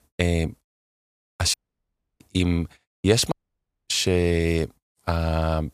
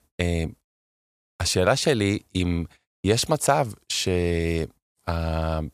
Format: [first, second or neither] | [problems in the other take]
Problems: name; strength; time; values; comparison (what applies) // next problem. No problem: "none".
second | audio cutting out; at 1.5 s for 0.5 s and at 3.5 s for 0.5 s